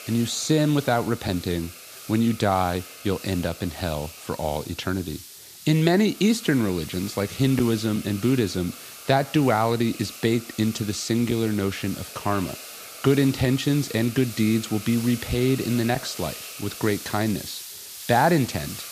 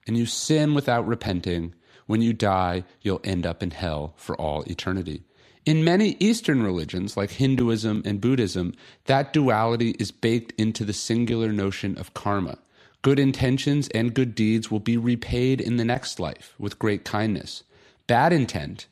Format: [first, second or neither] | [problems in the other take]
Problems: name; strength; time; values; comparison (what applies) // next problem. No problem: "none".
second | hiss; noticeable; throughout; 15 dB below the speech